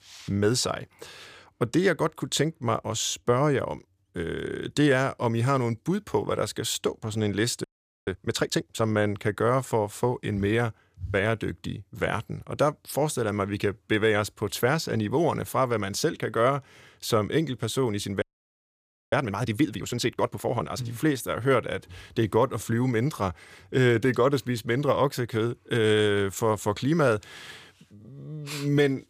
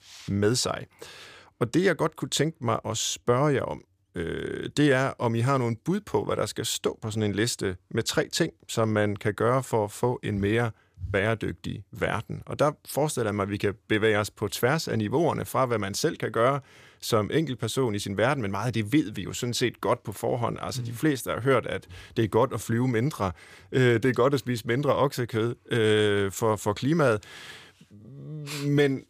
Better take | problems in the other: second | audio freezing; at 7.5 s and at 18 s for 1 s

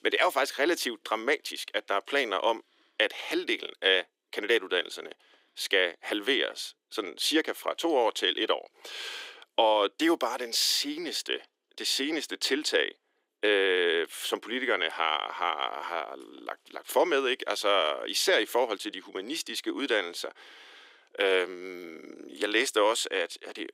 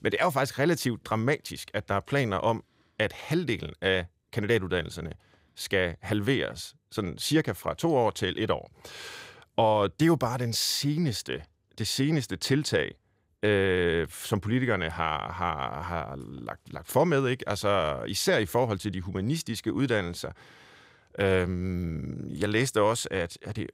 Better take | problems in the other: second | thin; somewhat; fading below 300 Hz

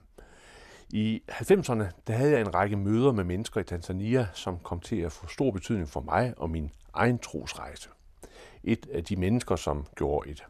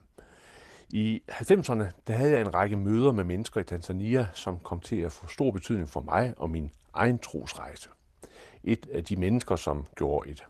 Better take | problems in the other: first | garbled, watery; slightly; nothing above 12 kHz

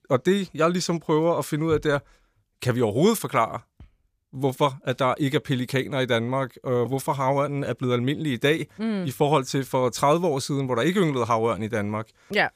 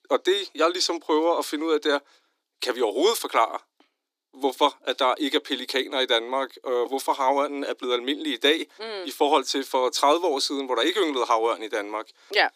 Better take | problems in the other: first | thin; somewhat; fading below 300 Hz

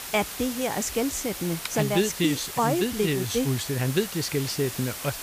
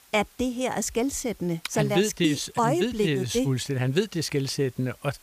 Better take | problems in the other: second | hiss; loud; throughout; 8 dB below the speech; faint in the second

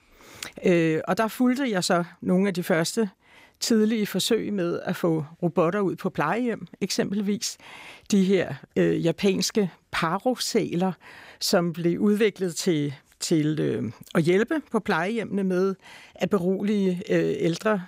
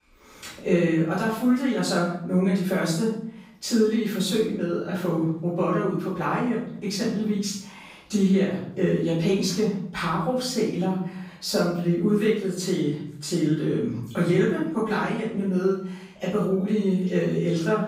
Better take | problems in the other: first | off-mic speech; far // room echo; noticeable; dies away in 0.6 s

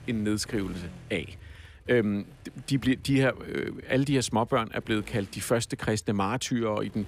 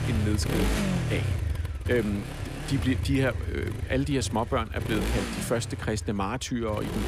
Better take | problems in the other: first | traffic noise; loud; throughout; 2 dB below the speech; faint in the first

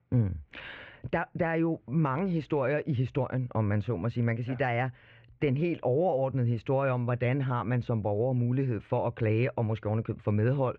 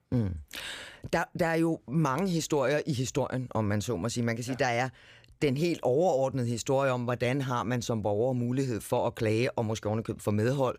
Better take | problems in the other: second | muffled; very; fading above 2.5 kHz

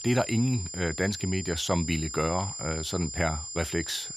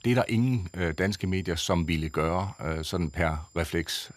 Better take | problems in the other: second | high-pitched whine; loud; throughout; 7 kHz, 6 dB below the speech; faint in the second

